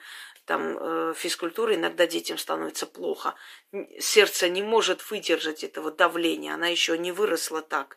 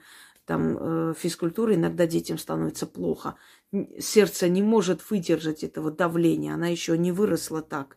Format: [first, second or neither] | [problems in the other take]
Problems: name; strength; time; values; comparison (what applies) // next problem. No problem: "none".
second | thin; very; fading below 450 Hz